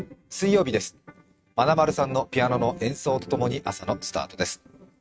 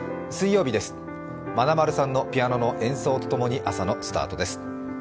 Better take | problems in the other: second | noise reduction (neural mask model RNNoise)

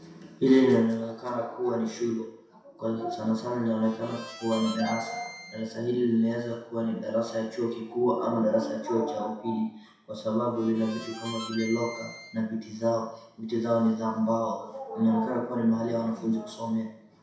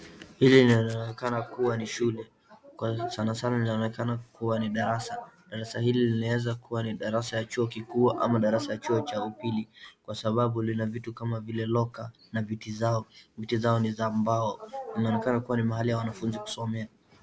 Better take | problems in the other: second | background sound (Harmonica); 14 dB below the speech // room echo; dies away in 0.7 s

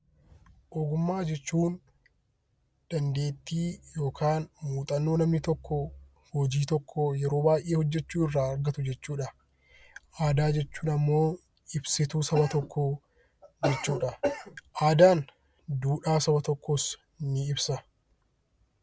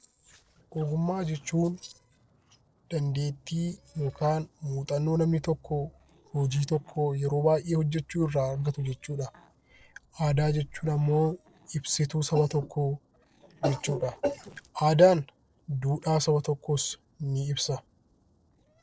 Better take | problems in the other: first | noise reduction (neural separator model SepFormer DNS4)

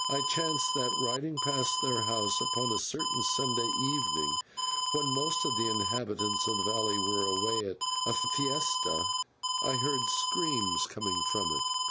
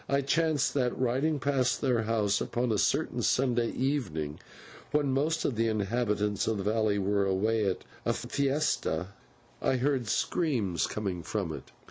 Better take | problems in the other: second | background sound (Alarm); 4 dB above the speech

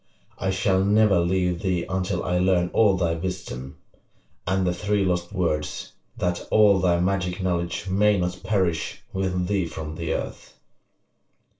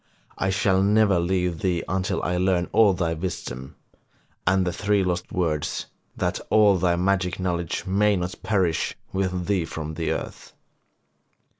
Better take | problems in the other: second | room echo; dies away in 0.2 s

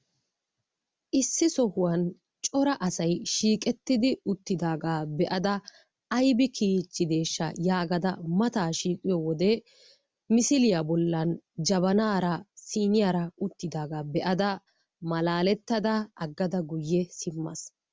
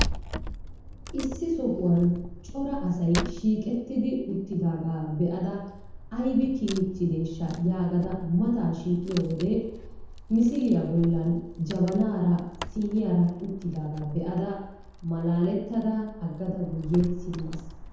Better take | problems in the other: first | background sound (Wood); 11 dB below the speech // room echo; dies away in 0.9 s

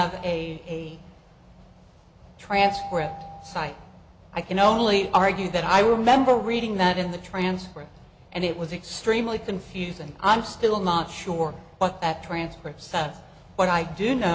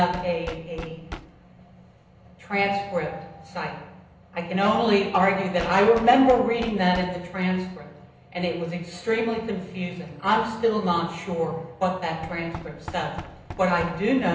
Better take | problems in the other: first | background sound (Knock); 18 dB below the speech // room echo; dies away in 0.8 s

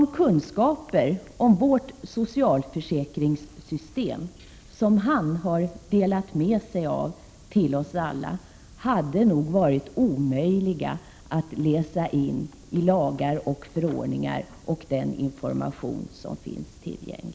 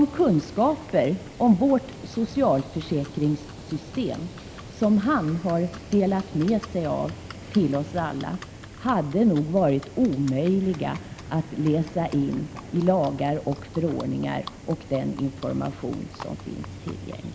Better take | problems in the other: first | background sound (Livestock, farm animals, working animals); 16 dB below the speech

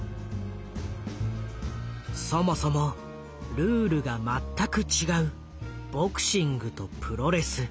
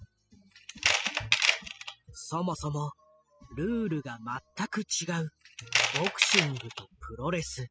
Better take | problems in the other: first | noise reduction (classical method spectral subtraction)

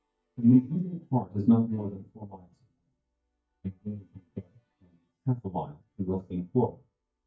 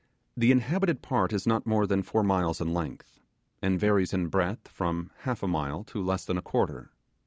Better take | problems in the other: second | noise reduction (neural mask model DeepFilterNet 3)

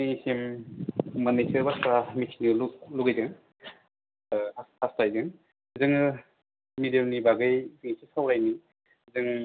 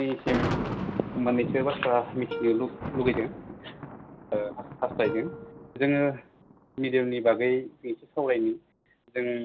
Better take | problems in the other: first | background sound (Thunder + Plucked string instrument); 9 dB below the speech

